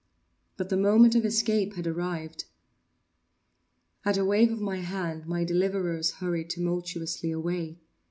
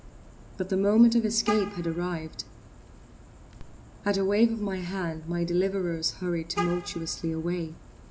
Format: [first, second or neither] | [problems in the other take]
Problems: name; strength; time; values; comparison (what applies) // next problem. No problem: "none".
first | background sound (Vehicle horn, car horn, honking); 14 dB below the speech